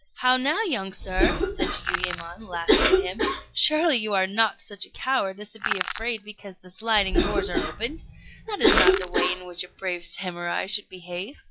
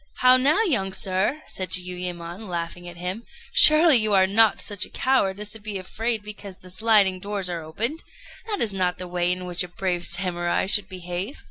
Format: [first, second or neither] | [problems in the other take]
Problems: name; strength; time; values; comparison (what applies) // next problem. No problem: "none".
second | noise reduction (classical method log-MMSE)